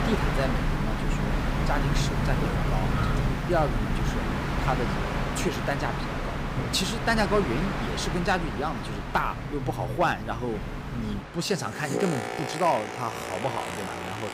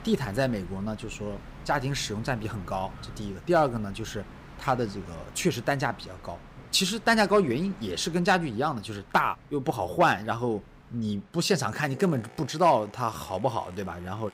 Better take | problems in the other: second | train or aircraft noise; loud; throughout; as loud as the speech; faint in the second

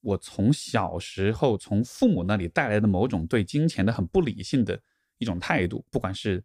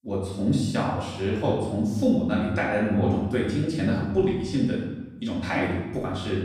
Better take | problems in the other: first | off-mic speech; far // room echo; noticeable; dies away in 1 s

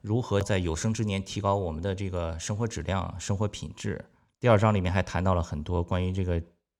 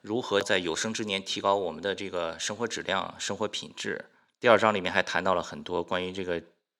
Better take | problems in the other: first | thin; somewhat; fading below 350 Hz

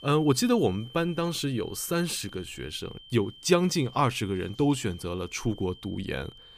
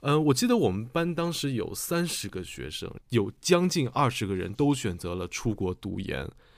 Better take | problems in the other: second | high-pitched whine; noticeable; throughout; 3 kHz, 20 dB below the speech

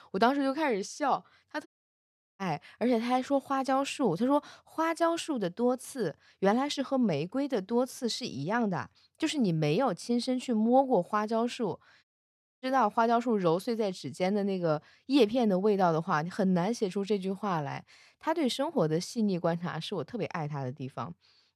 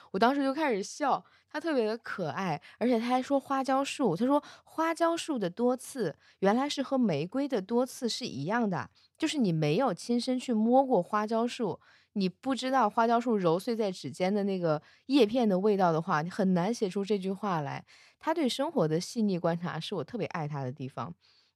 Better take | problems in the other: second | audio cutting out; at 1.5 s for 0.5 s and at 12 s for 0.5 s

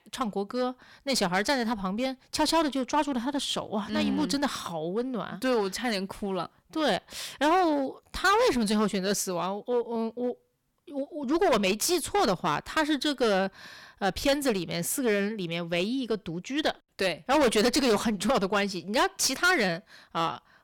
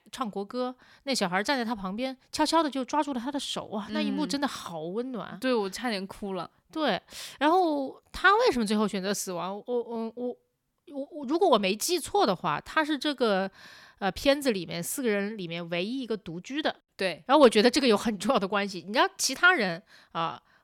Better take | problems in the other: second | distortion; heavy; 9% of the sound clipped

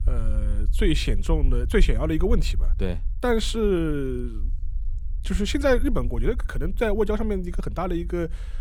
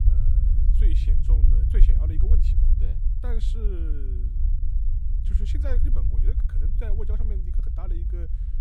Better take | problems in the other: first | low rumble; loud; throughout; 1 dB below the speech; faint in the first

